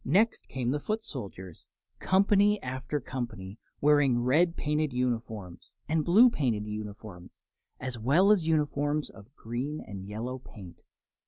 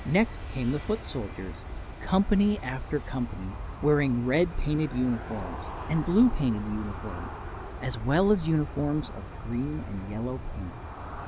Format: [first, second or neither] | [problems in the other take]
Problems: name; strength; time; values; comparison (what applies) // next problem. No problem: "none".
first | background sound (Aircraft); 9 dB below the speech